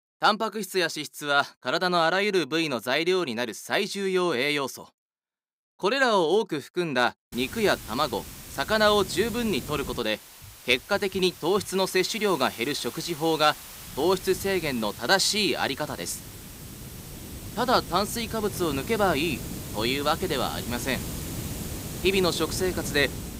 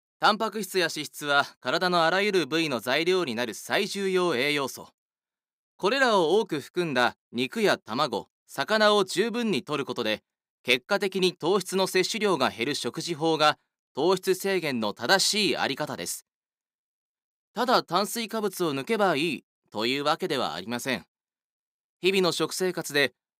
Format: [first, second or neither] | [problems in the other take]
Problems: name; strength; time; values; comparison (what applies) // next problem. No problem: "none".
second | hiss; noticeable; from 7.5 s on; 10 dB below the speech